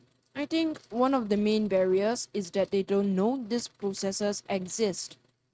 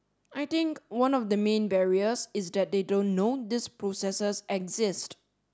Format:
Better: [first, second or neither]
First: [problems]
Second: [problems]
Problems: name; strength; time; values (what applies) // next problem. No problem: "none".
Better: second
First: noise reduction (neural mask model RNNoise)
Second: none